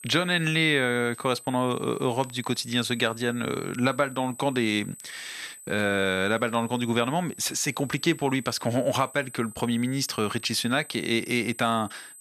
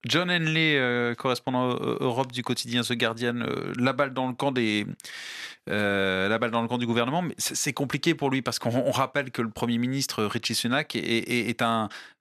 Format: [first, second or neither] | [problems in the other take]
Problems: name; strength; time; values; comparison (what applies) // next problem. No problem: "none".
second | high-pitched whine; noticeable; throughout; 8 kHz, 15 dB below the speech